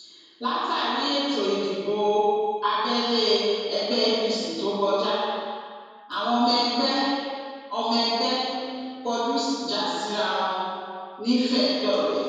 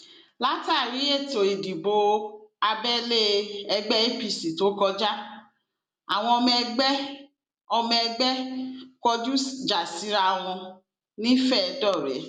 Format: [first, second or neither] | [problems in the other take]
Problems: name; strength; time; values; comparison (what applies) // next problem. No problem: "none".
second | room echo; dies away in 1.8 s